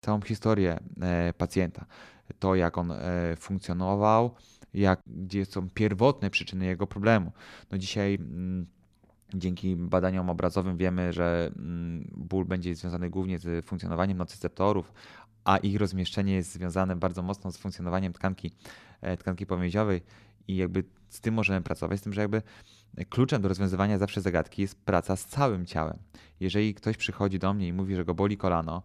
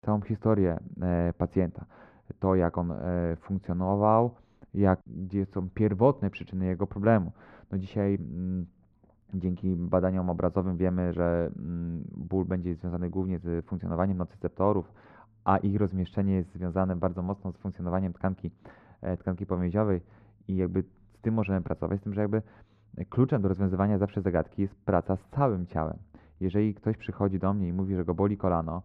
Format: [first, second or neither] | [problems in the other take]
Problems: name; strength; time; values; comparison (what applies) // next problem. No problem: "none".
first | muffled; very; fading above 3 kHz